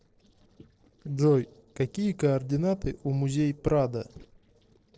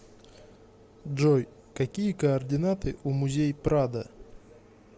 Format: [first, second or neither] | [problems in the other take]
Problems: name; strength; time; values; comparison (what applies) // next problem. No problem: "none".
second | noise reduction (neural separator model SepFormer DNS4)